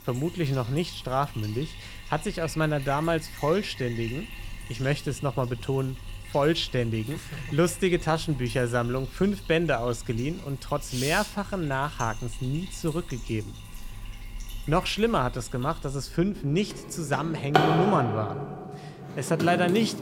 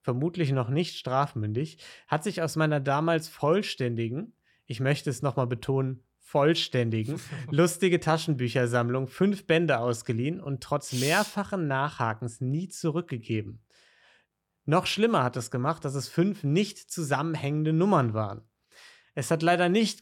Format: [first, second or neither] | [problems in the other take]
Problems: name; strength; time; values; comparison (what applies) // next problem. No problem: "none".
second | household noises; loud; throughout; 9 dB below the speech